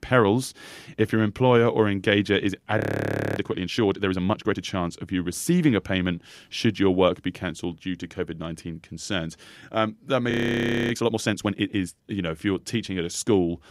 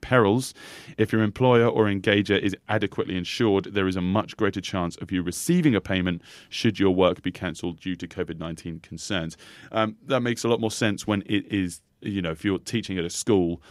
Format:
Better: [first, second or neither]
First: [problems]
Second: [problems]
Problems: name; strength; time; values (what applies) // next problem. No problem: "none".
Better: second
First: audio freezing; at 3 s for 0.5 s and at 10 s for 0.5 s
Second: none